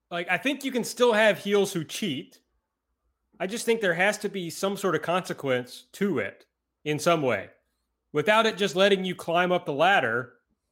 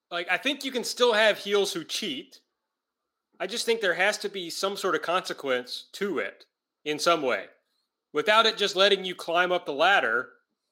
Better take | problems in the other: first | thin; very slightly; fading below 300 Hz

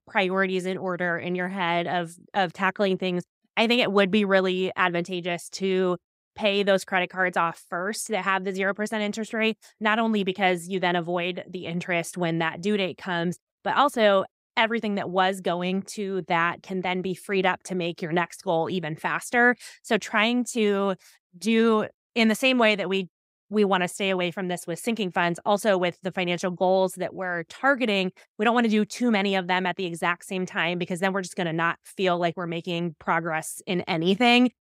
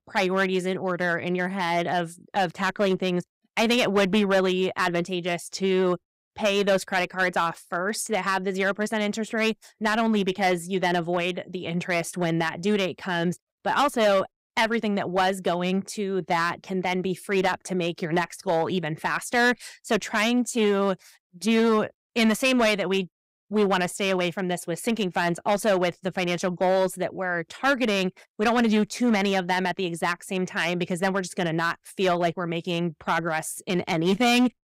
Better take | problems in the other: first | distortion; slight; 5% of the sound clipped

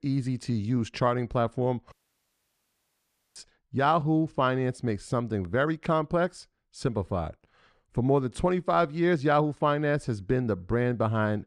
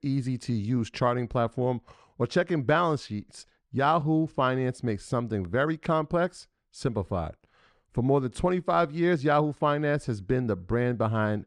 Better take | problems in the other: second | audio cutting out; at 2 s for 1.5 s

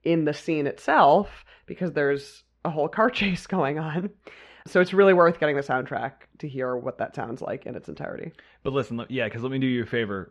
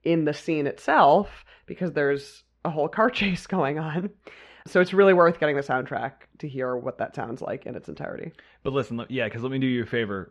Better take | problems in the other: neither | muffled; very; fading above 2 kHz; the same in both

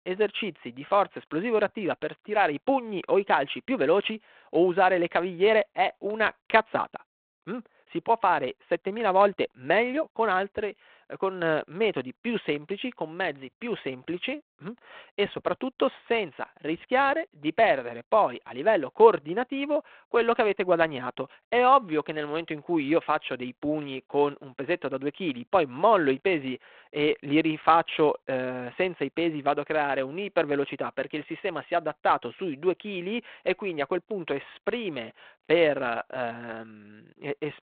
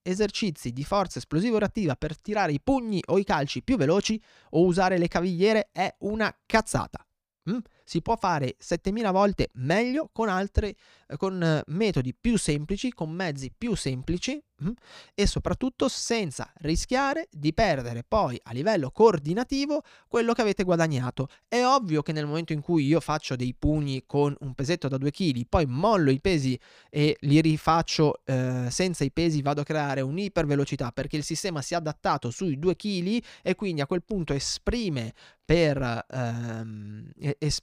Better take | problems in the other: second | phone-call audio

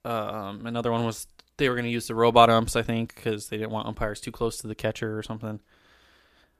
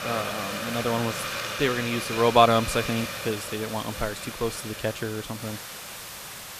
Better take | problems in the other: first | hiss; loud; throughout; 6 dB below the speech

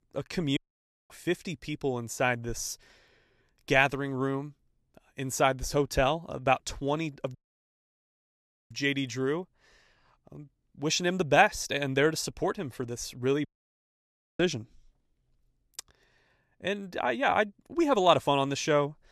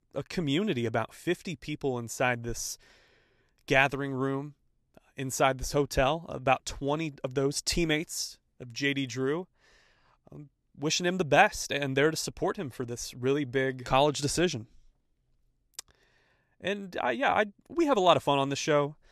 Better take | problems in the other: second | audio cutting out; at 0.5 s for 0.5 s, at 7.5 s for 1.5 s and at 13 s for 1 s

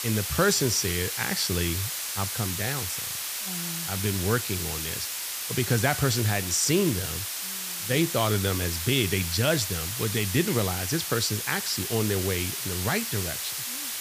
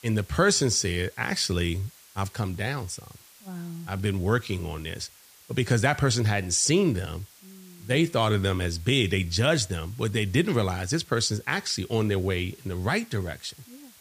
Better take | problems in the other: second | hiss; loud; throughout; 3 dB below the speech; faint in the second

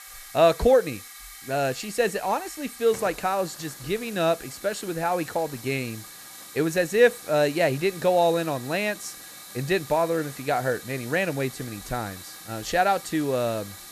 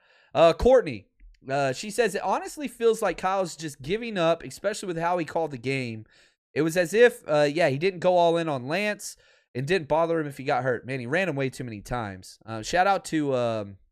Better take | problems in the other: second | hiss; noticeable; throughout; 15 dB below the speech

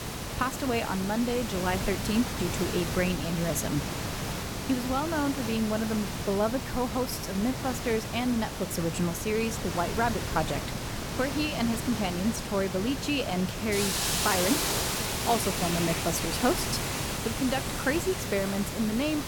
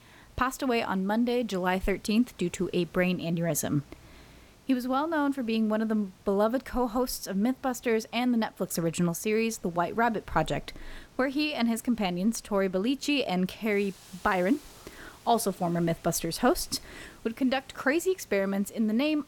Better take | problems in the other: second | hiss; loud; throughout; 2 dB below the speech; faint in the second

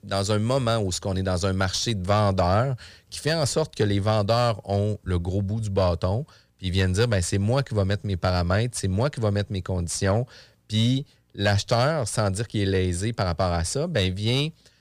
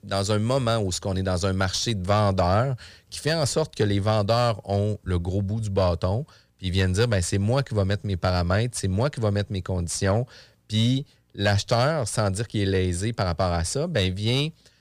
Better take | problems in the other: neither | none

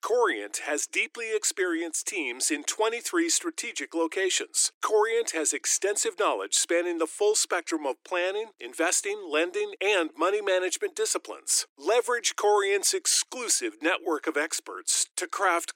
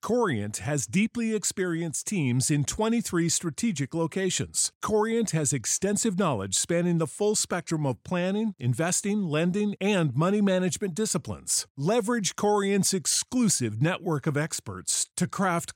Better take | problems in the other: second | thin; very; fading below 300 Hz

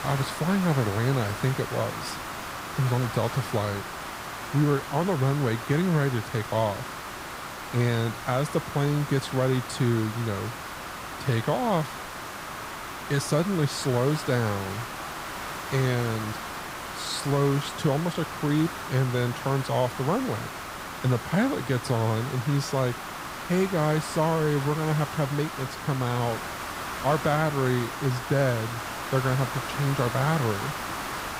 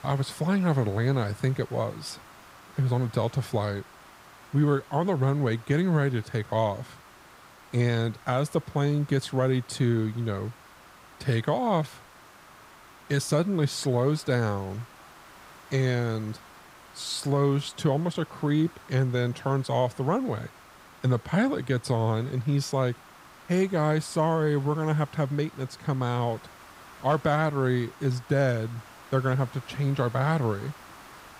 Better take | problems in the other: second | hiss; loud; throughout; 8 dB below the speech; faint in the second

